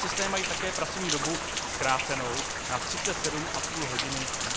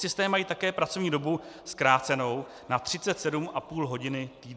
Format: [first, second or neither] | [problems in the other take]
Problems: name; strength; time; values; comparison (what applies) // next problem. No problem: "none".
second | background sound (Rain); 2 dB above the speech